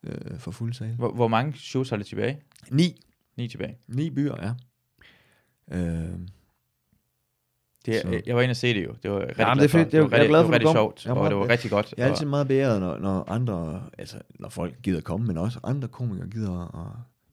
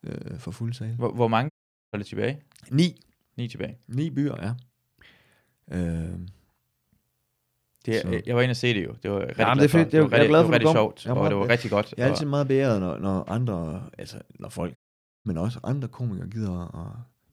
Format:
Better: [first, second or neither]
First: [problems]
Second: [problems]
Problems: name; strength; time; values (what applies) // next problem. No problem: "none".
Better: first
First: none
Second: audio cutting out; at 1.5 s and at 15 s